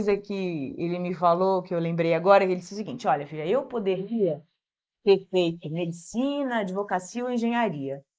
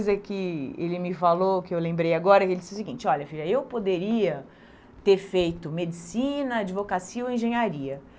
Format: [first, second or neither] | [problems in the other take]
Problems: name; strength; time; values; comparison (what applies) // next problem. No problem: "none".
second | noise reduction (neural mask model Resemble Enhance denoiser)